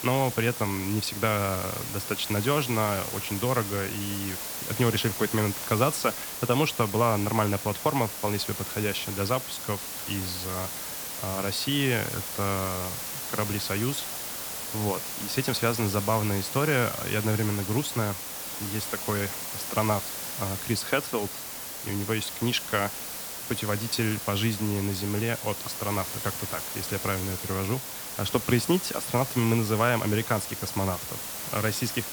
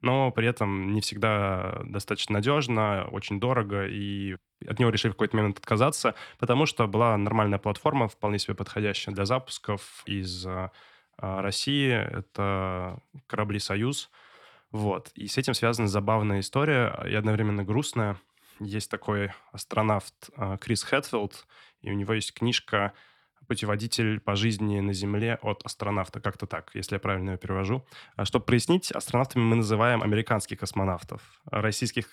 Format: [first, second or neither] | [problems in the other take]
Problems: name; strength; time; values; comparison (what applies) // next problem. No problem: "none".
second | hiss; loud; throughout; 4 dB below the speech